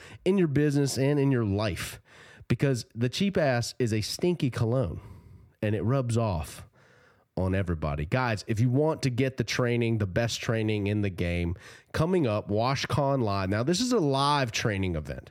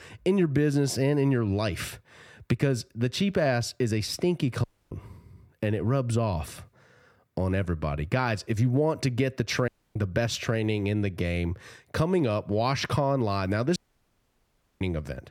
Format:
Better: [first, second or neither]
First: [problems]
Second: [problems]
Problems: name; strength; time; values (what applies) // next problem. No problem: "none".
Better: first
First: none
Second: audio cutting out; at 4.5 s, at 9.5 s and at 14 s for 1 s